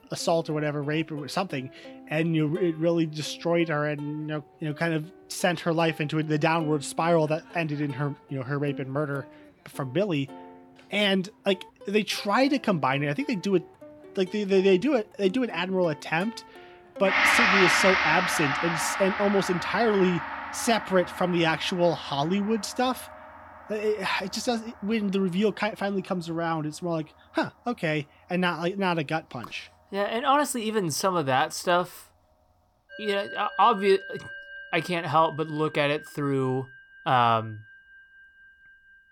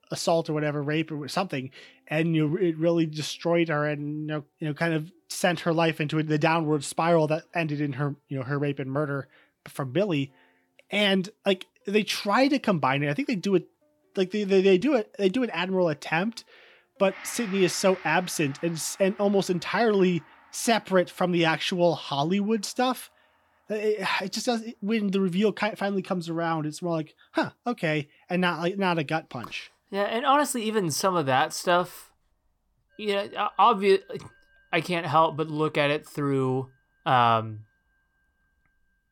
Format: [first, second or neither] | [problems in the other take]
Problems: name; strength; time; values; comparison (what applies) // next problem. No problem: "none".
second | background music; loud; throughout; 2 dB below the speech; faint in the second